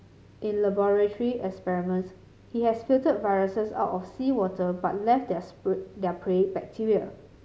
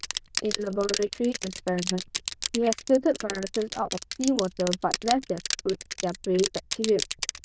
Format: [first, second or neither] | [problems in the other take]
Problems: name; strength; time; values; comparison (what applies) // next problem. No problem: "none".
first | noise reduction (neural diffusion model UNIVERSE++)